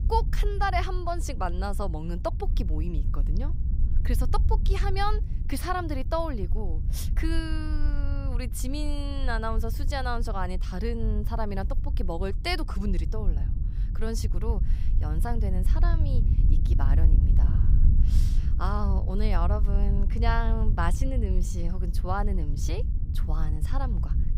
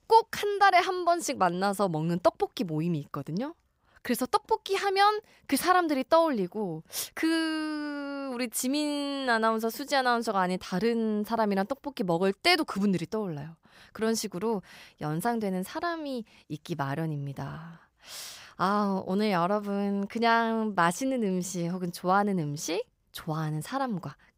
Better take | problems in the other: second | wind noise on the microphone; occasional gusts; 15 dB below the speech

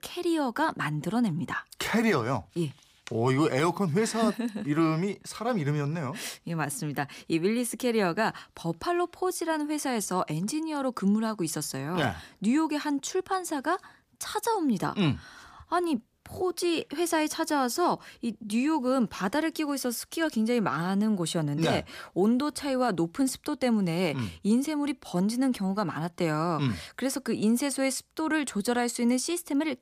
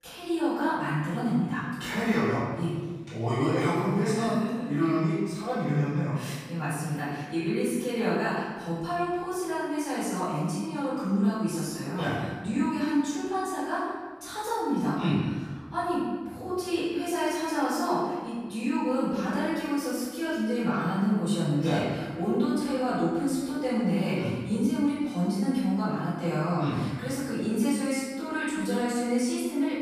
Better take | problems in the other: first | off-mic speech; far // room echo; strong; dies away in 1.3 s

